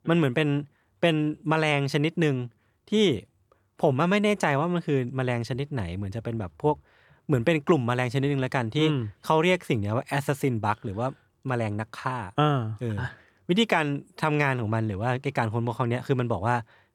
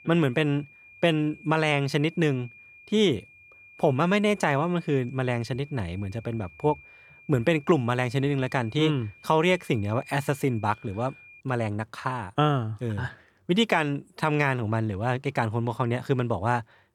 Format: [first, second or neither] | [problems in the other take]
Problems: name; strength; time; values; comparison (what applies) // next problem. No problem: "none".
first | high-pitched whine; faint; until 11 s; 2.5 kHz, 25 dB below the speech